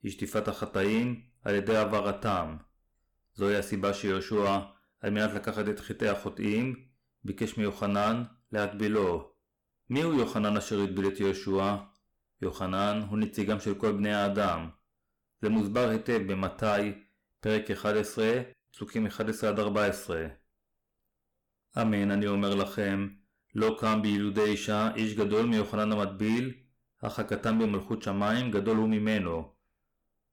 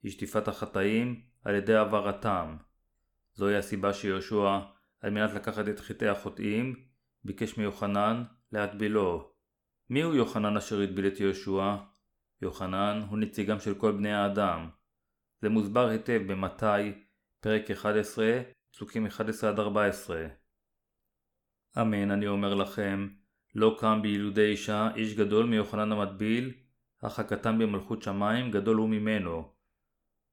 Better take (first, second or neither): second